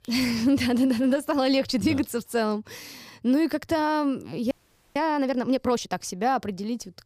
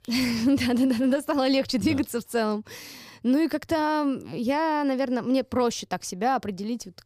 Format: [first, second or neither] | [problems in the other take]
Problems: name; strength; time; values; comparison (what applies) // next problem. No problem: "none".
second | audio freezing; at 4.5 s